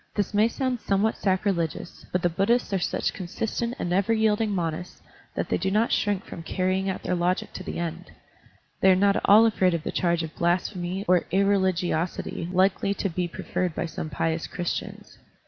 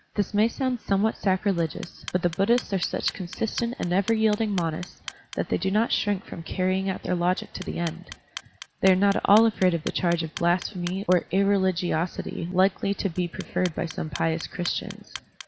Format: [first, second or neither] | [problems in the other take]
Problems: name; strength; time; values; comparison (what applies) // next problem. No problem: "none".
first | background sound (Clock); 19 dB below the speech